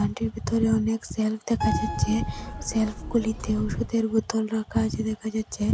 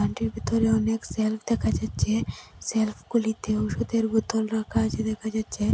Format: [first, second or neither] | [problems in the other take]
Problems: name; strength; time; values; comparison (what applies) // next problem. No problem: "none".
second | background sound (Keyboard (musical)); 7 dB below the speech